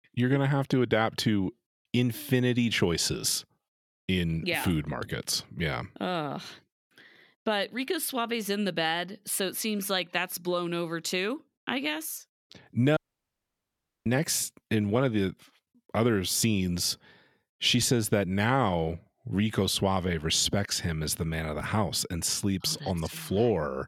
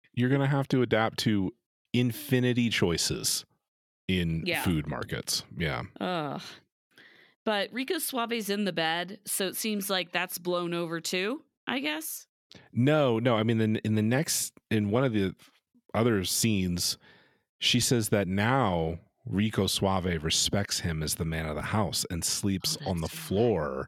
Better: second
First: audio cutting out; at 13 s for 1 s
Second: none

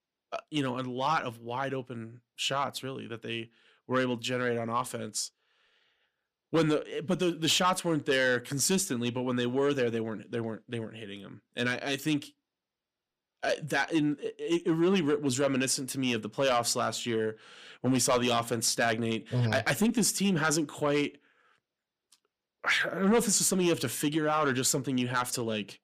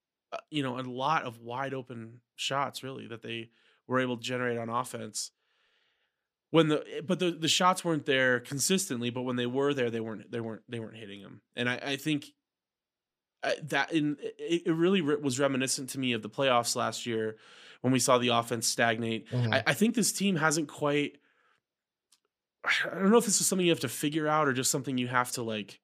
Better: second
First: distortion; slight; 10 dB below the speech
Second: none

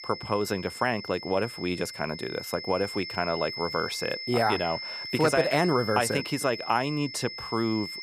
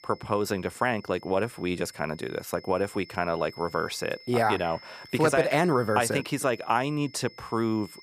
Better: second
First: high-pitched whine; loud; throughout; 5 kHz, 8 dB below the speech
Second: high-pitched whine; faint; throughout; 5 kHz, 20 dB below the speech

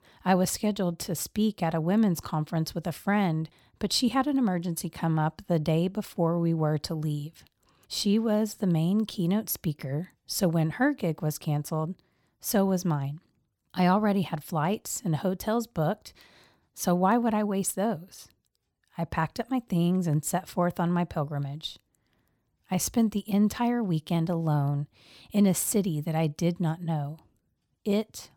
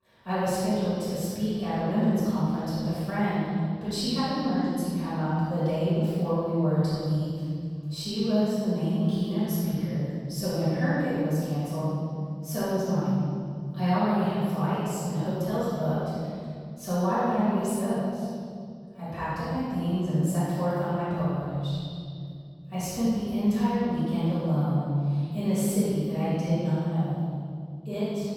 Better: first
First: none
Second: off-mic speech; far // room echo; strong; dies away in 2.5 s

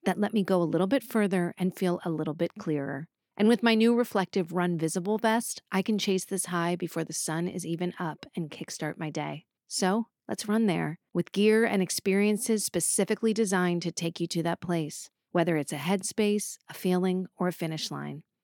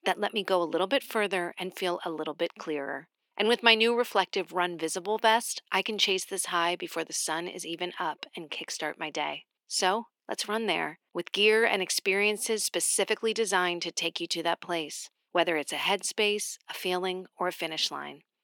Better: first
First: none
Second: thin; very; fading below 450 Hz

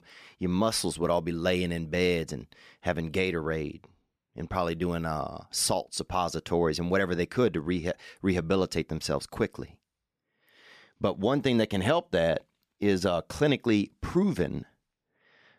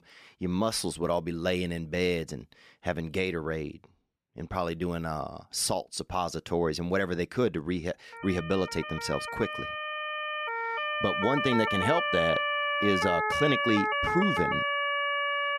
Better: first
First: none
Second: siren; loud; from 8 s on; peak 3 dB above the speech

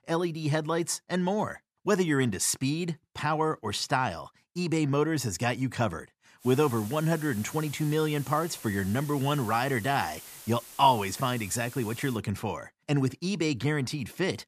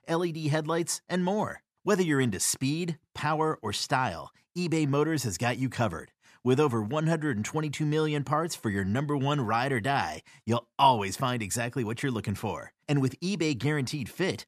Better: second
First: hiss; noticeable; from 6.5 to 12 s; 15 dB below the speech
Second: none

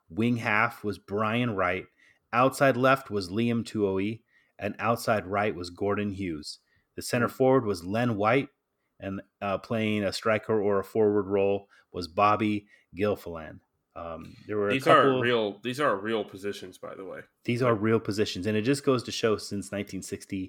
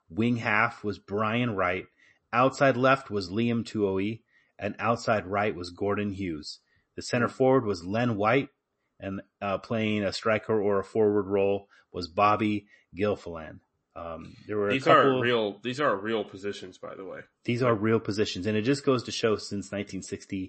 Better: first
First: none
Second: garbled, watery; slightly; nothing above 8 kHz

